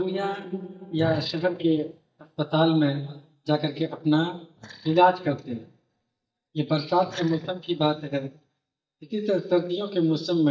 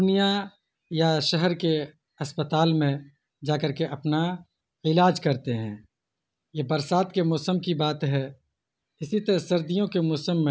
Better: second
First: noise reduction (neural mask model DeepFilterNet 3)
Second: none

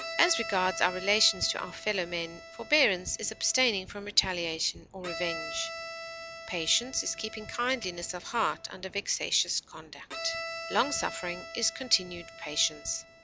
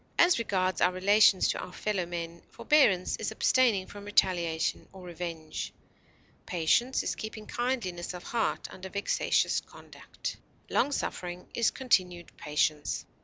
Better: second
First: background sound (Bowed string instrument); 11 dB below the speech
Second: none

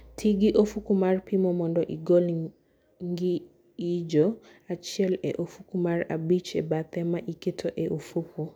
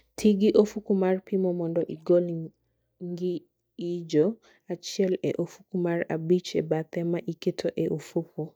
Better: first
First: none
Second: noise reduction (neural mask model DeepFilterNet 3)

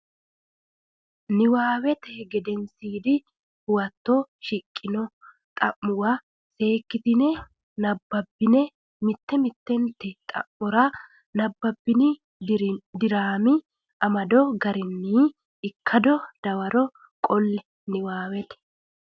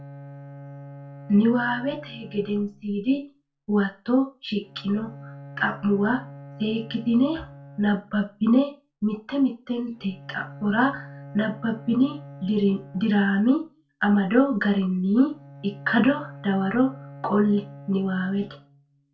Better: first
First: none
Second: background sound (Bowed string instrument); 19 dB below the speech // room echo; dies away in 0.2 s

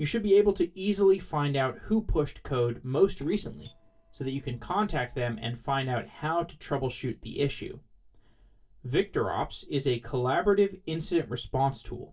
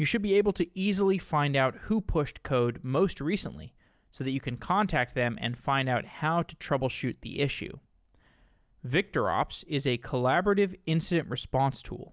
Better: second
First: noise reduction (neural separator model SepFormer DNS4)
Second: none

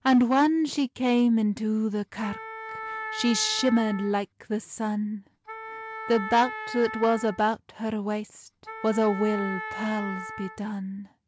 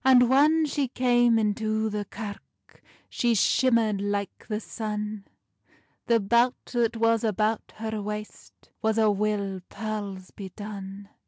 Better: second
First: background sound (Wind instrument, woodwind instrument); 10 dB below the speech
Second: none

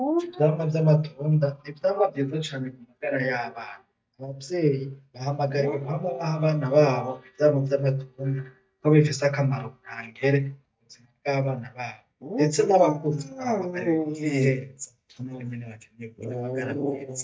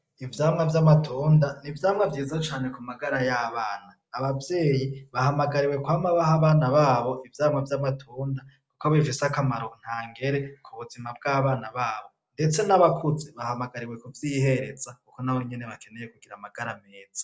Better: second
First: noise reduction (neural mask model DeepFilterNet 3)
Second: none

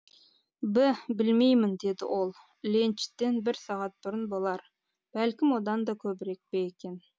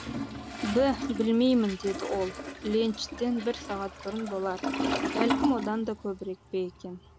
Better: first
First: none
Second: background sound (Toilet flush); 5 dB below the speech

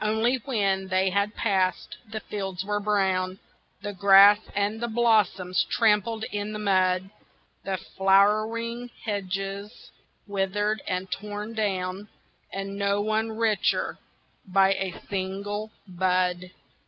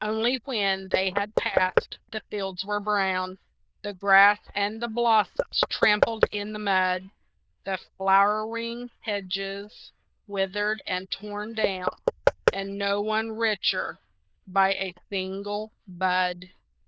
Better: first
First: none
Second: noise reduction (neural diffusion model UNIVERSE++)

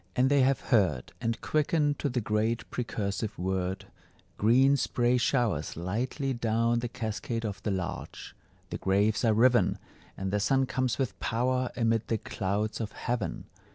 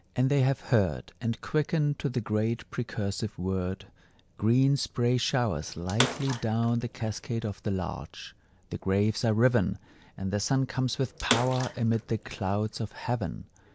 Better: first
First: none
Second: background sound (Bathtub (filling or washing) / Water / Splash, splatter); 8 dB below the speech

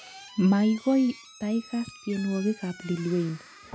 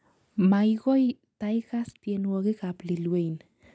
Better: second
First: background sound (Squeak / Slam); 19 dB below the speech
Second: none

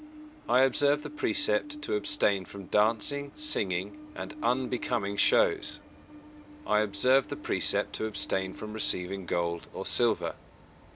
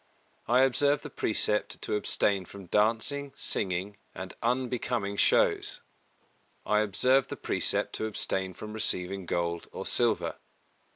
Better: second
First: background sound (Train); 16 dB below the speech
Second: none

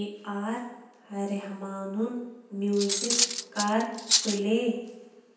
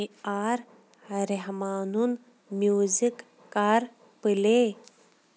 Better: second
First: background sound (Cutlery, silverware); 2 dB above the speech // room echo; dies away in 0.9 s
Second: none

